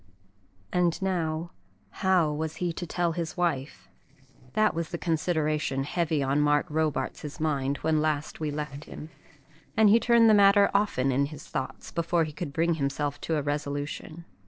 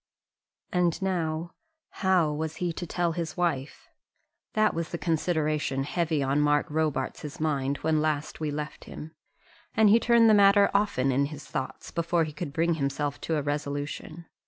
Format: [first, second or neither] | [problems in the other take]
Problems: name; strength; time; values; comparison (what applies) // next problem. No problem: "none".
second | noise reduction (neural separator model SepFormer DNS4)